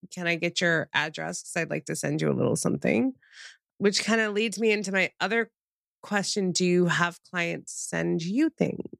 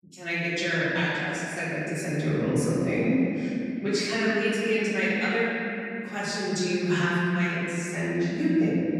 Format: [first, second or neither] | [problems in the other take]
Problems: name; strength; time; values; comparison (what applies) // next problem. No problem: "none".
first | room echo; strong; dies away in 3 s // off-mic speech; far